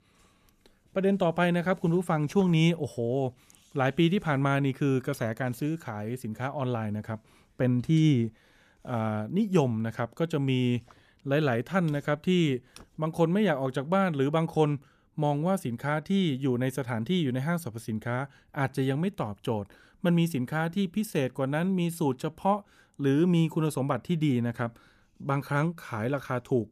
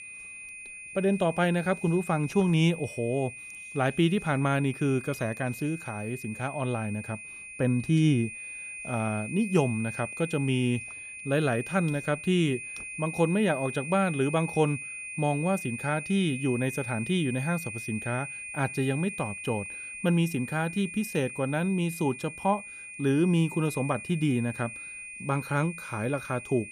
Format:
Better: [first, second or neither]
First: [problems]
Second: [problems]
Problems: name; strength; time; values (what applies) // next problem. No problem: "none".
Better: first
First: none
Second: high-pitched whine; loud; throughout; 2.5 kHz, 10 dB below the speech